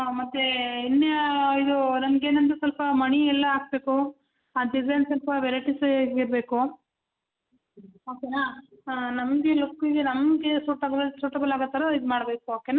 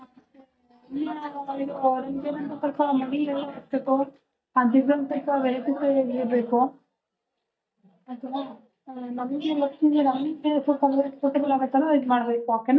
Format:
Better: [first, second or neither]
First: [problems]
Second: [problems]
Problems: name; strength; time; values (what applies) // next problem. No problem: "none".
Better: first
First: none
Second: noise reduction (neural mask model DeepFilterNet 3)